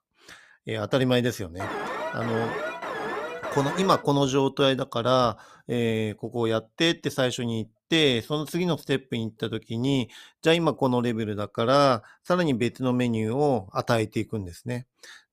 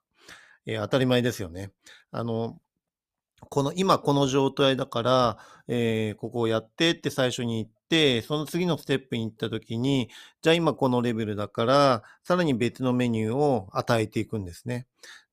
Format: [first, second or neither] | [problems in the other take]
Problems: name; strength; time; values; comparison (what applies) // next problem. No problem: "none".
second | alarm; noticeable; from 1.5 to 4 s; peak 5 dB below the speech